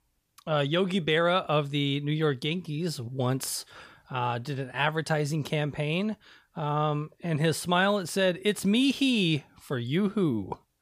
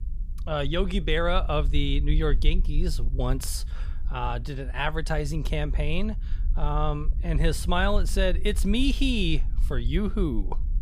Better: first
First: none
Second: low rumble; faint; throughout; 20 dB below the speech

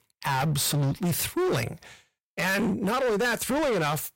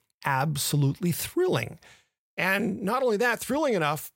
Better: second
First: distortion; heavy; 27% of the sound clipped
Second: none

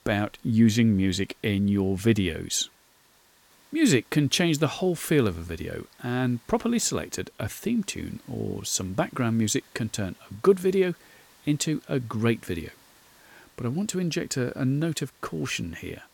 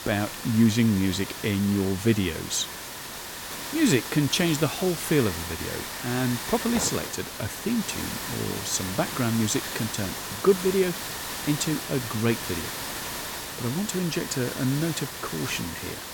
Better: first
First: hiss; faint; throughout; 30 dB below the speech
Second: hiss; loud; throughout; 6 dB below the speech

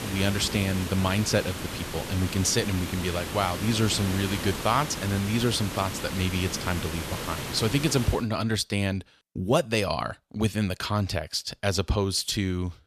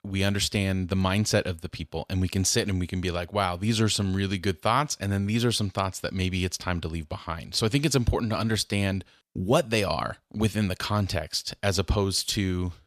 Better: second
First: hiss; loud; until 8 s; 7 dB below the speech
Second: none

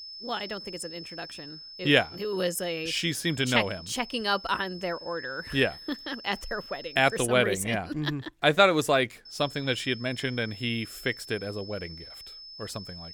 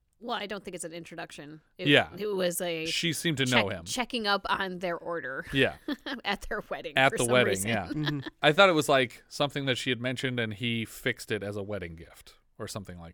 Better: second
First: high-pitched whine; noticeable; until 7 s and from 9.5 s on; 5.5 kHz, 15 dB below the speech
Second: none

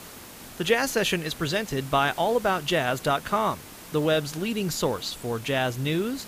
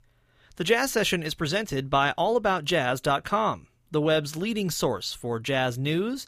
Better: second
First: hiss; noticeable; throughout; 15 dB below the speech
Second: none

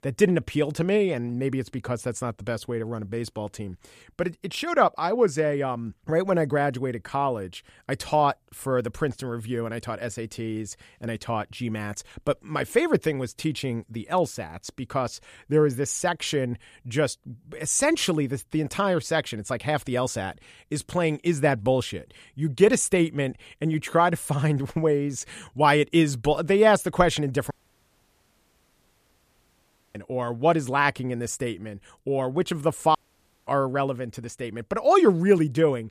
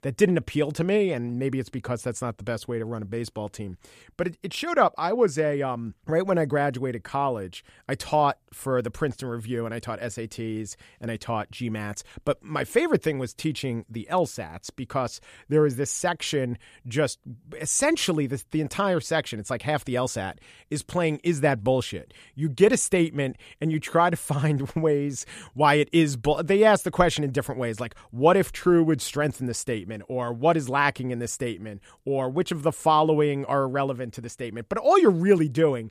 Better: second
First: audio cutting out; at 28 s for 2.5 s and at 33 s for 0.5 s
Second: none

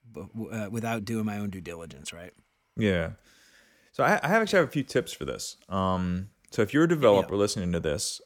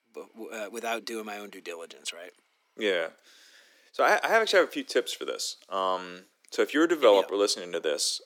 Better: first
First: none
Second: thin; somewhat; fading below 300 Hz

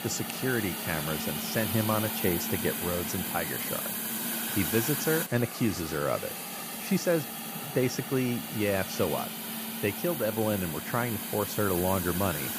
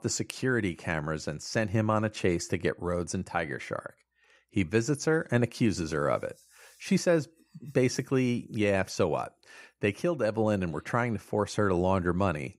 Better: second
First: hiss; loud; throughout; 2 dB below the speech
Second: none

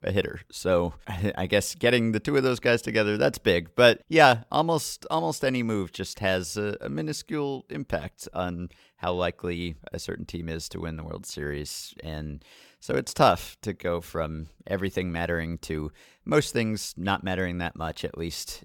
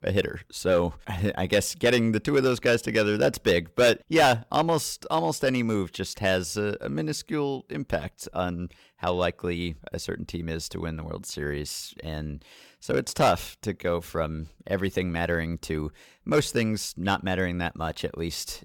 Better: first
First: none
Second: distortion; slight; 1.8% of the sound clipped

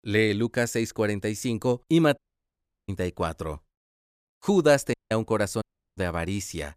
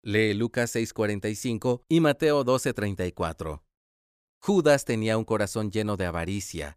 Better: second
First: audio cutting out; at 2 s for 0.5 s, at 5 s and at 5.5 s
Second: none

